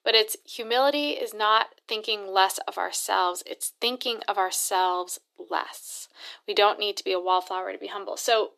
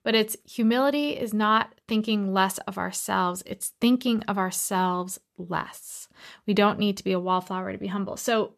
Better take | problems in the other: second | thin; very; fading below 300 Hz

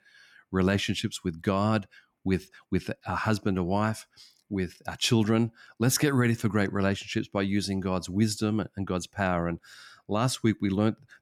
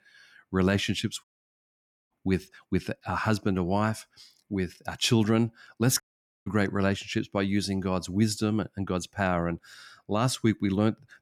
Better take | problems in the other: first | audio cutting out; at 1 s for 1 s and at 6 s

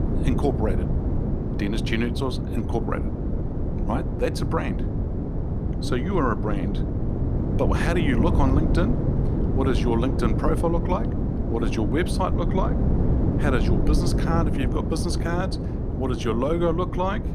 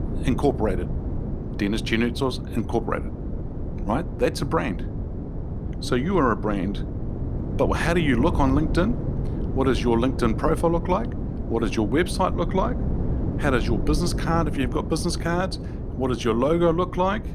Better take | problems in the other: second | wind noise on the microphone; heavy; 5 dB below the speech; occasional gusts in the second

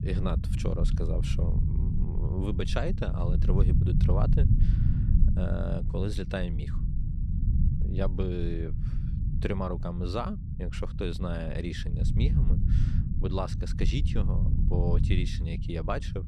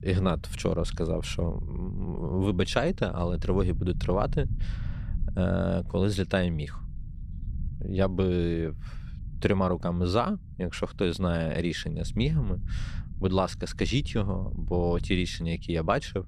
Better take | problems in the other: second | low rumble; loud; throughout; 6 dB below the speech; faint in the second

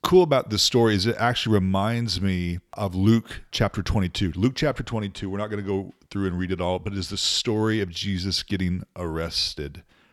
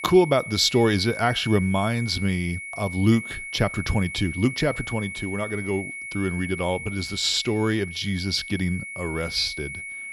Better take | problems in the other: first | high-pitched whine; loud; throughout; 2 kHz, 9 dB below the speech

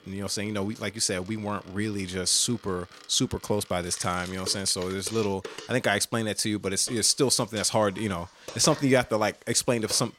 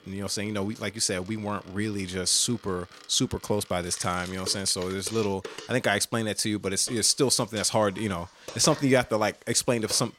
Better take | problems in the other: neither | household noises; noticeable; throughout; 20 dB below the speech; the same in both

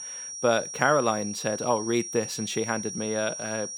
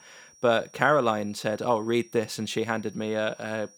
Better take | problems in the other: second | high-pitched whine; loud; throughout; 5.5 kHz, 7 dB below the speech; faint in the second

